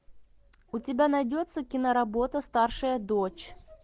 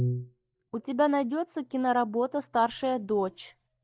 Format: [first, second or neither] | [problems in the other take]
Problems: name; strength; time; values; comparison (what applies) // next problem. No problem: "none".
first | noise reduction (neural mask model DeepFilterNet 3)